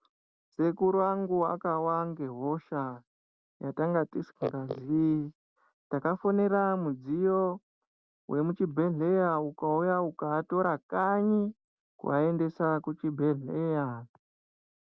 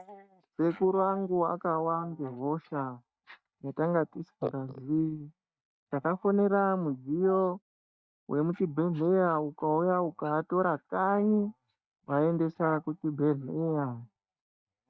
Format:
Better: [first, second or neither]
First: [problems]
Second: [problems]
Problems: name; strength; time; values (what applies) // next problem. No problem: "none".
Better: first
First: none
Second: noise reduction (neural mask model DeepFilterNet 3)